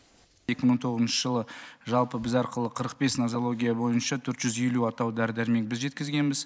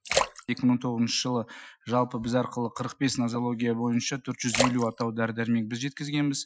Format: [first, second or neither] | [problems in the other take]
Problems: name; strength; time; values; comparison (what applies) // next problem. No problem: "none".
first | noise reduction (classical method Wiener filter)